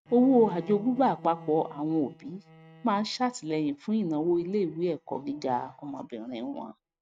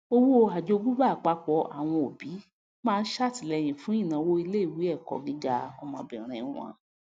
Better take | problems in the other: second | noise reduction (neural mask model RNNoise)

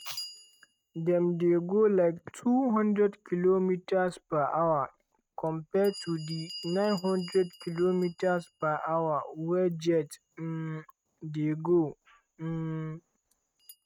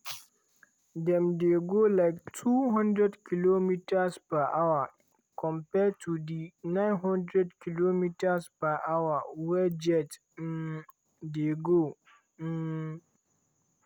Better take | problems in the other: second | noise reduction (neural mask model RNNoise)

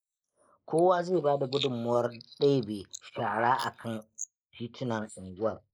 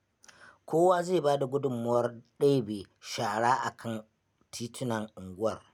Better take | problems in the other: second | noise reduction (neural mask model Resemble Enhance denoiser)

